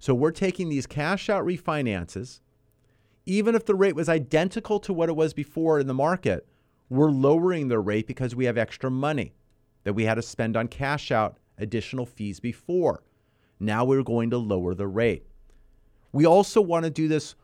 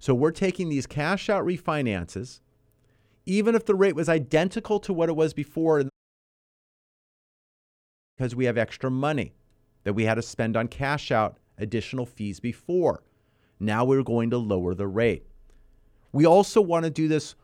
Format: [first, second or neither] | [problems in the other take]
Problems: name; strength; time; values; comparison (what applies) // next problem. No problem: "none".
first | audio cutting out; at 6 s for 2.5 s